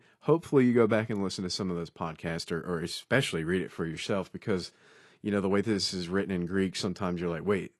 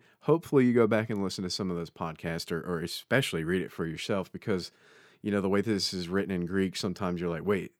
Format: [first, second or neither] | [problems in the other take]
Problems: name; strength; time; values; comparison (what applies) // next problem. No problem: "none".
second | garbled, watery; slightly; nothing above 11.5 kHz